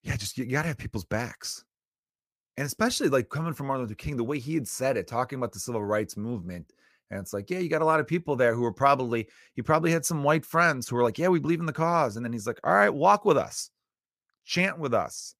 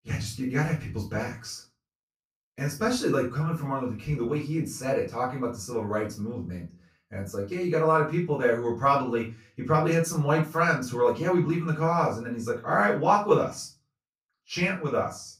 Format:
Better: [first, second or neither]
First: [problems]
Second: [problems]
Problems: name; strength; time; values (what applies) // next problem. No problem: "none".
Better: first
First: none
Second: off-mic speech; far // room echo; slight; dies away in 0.3 s